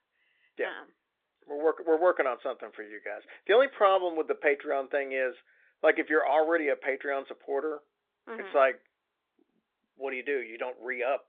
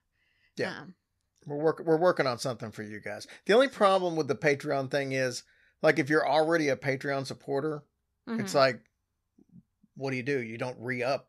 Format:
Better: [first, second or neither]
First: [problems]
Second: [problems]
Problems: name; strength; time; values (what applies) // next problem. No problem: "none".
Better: second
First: phone-call audio; nothing above 3.5 kHz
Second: none